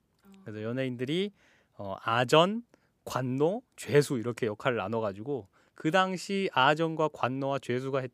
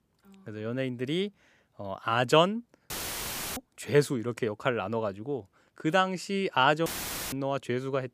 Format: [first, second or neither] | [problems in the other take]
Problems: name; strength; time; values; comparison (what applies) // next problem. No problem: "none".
first | audio cutting out; filled with static; at 3 s for 0.5 s and at 7 s